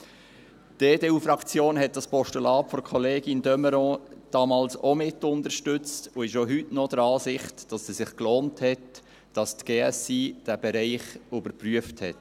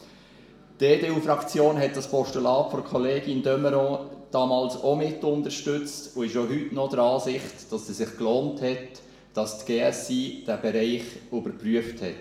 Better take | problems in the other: first | room echo; dies away in 0.8 s

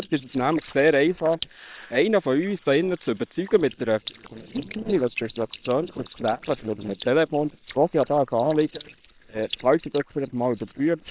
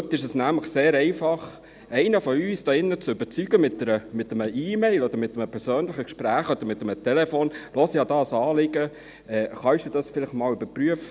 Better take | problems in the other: second | noise reduction (neural separator model SepFormer WHAM!)

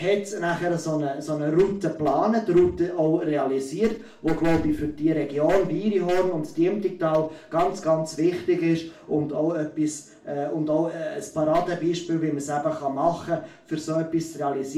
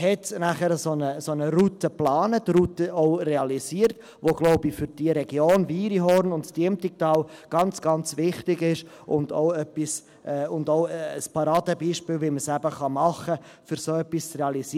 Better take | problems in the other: second | room echo; dies away in 0.4 s

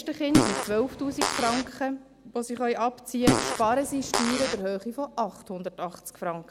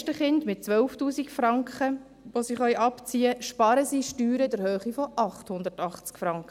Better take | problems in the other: second | background sound (Fart); 1 dB above the speech

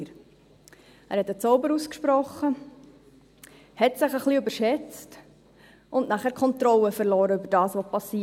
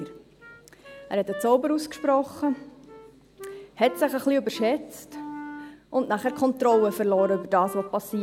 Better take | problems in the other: first | background sound (Wind instrument, woodwind instrument); 16 dB below the speech

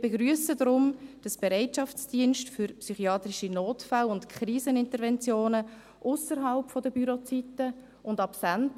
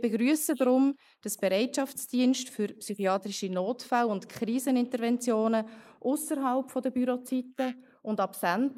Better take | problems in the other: first | noise reduction (neural mask model Resemble Enhance denoiser)

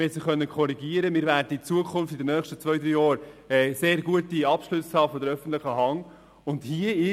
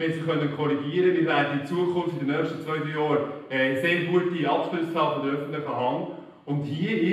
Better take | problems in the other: first | room echo; dies away in 0.9 s

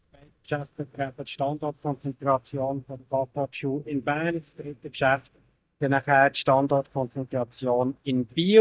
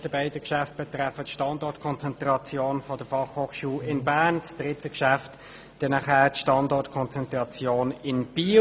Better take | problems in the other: second | noise reduction (neural mask model DeepFilterNet 3)

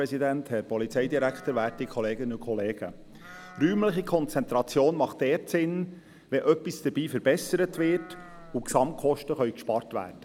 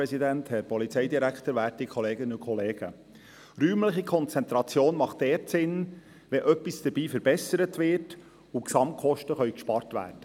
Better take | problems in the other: second | background sound (Livestock, farm animals, working animals); 18 dB below the speech

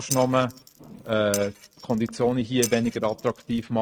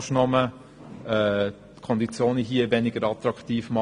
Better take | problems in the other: second | noise reduction (neural mask model RNNoise)

